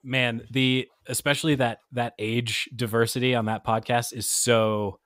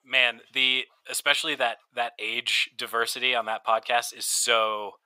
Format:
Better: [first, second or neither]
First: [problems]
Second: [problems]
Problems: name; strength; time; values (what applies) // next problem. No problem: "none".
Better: first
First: none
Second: thin; very; fading below 600 Hz